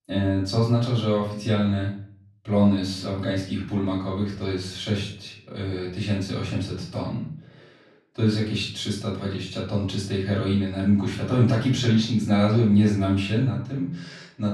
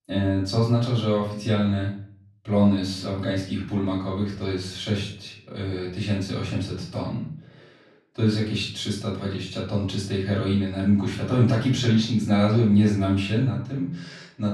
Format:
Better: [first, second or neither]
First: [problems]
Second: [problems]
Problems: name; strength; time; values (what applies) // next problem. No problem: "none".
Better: neither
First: room echo; noticeable; dies away in 0.5 s // off-mic speech; far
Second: room echo; noticeable; dies away in 0.5 s // off-mic speech; far